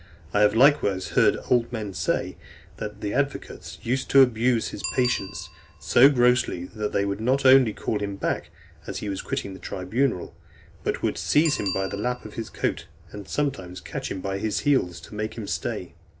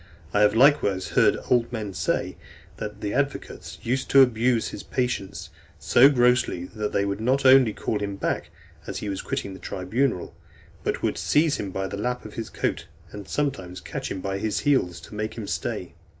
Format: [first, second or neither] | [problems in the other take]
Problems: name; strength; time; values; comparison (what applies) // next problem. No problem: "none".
second | background sound (Bicycle bell); 19 dB below the speech